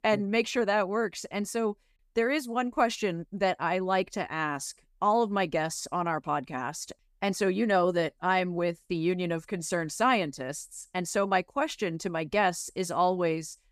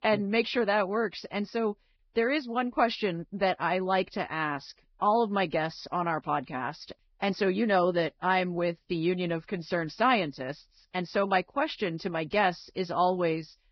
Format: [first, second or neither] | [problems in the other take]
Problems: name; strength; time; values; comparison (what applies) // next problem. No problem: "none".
first | garbled, watery; badly; nothing above 5.5 kHz